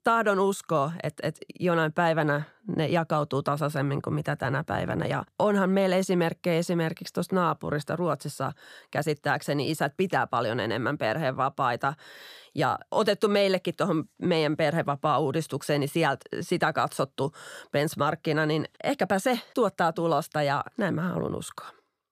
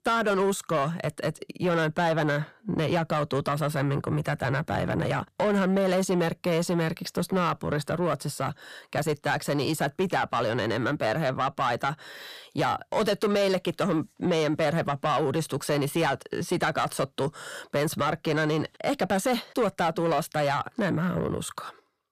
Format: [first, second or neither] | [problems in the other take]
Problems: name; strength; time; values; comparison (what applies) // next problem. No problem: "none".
first | distortion; slight; 10 dB below the speech